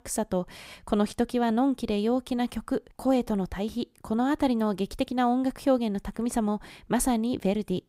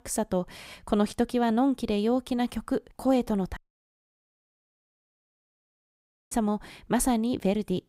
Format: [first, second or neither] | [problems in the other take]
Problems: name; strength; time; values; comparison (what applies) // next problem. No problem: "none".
first | audio cutting out; at 3.5 s for 2.5 s